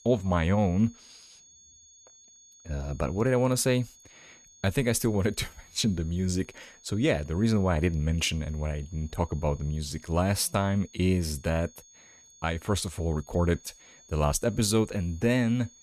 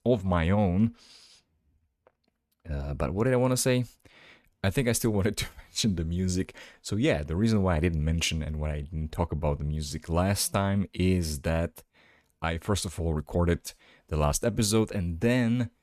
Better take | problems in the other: second | high-pitched whine; faint; throughout; 6.5 kHz, 25 dB below the speech

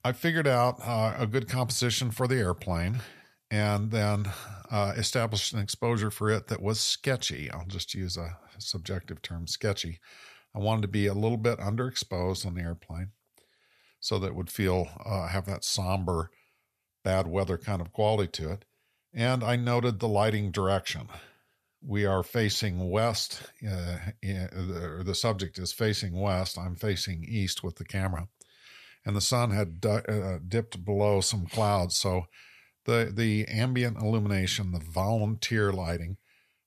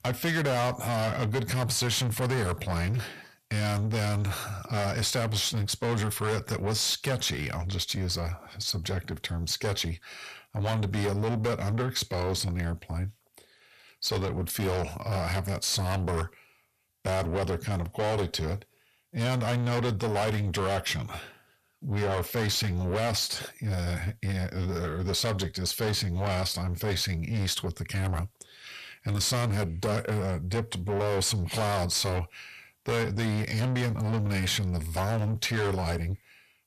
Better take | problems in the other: first | distortion; heavy; 6 dB below the speech

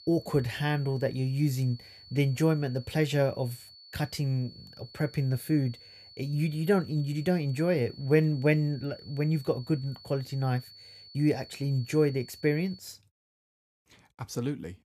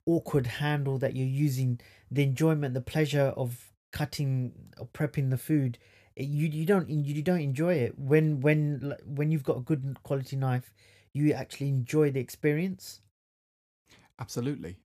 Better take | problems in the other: second | high-pitched whine; noticeable; until 13 s; 4.5 kHz, 20 dB below the speech

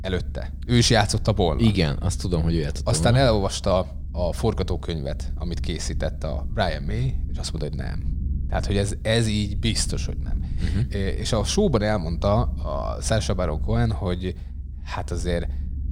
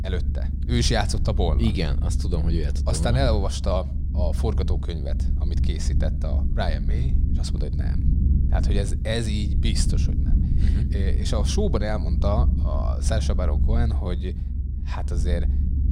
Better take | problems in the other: first | low rumble; loud; throughout; 10 dB below the speech; faint in the first

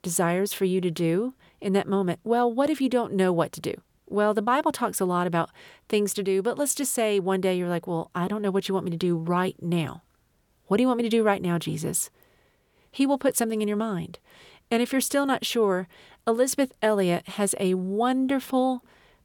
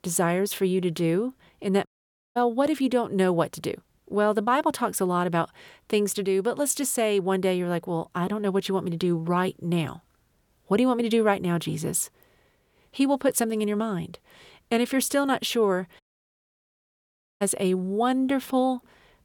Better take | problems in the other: first | audio cutting out; at 2 s and at 16 s for 1.5 s

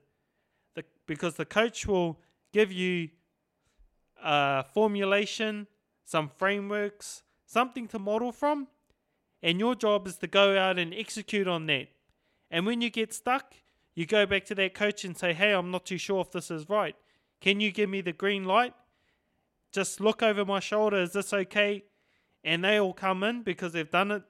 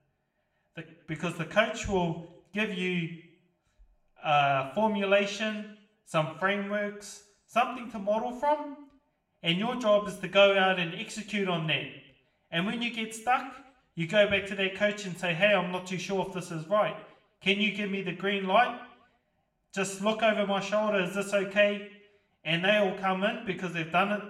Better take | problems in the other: first | room echo; very slight; dies away in 0.6 s

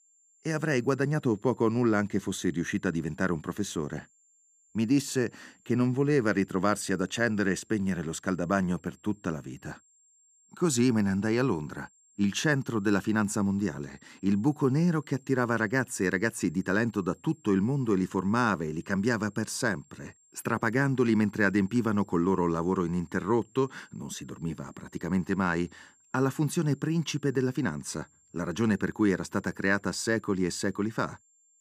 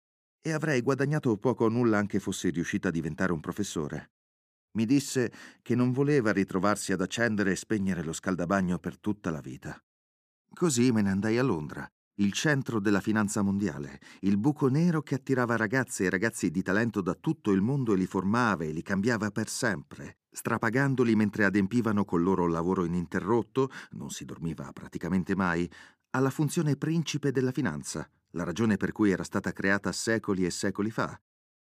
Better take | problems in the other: second | high-pitched whine; faint; throughout; 7.5 kHz, 30 dB below the speech

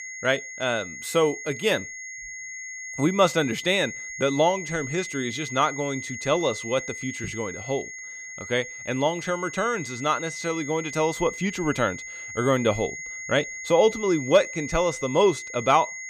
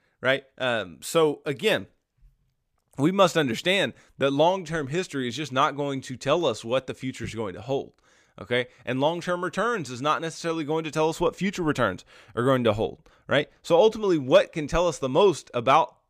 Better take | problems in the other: second | high-pitched whine; loud; throughout; 2 kHz, 9 dB below the speech

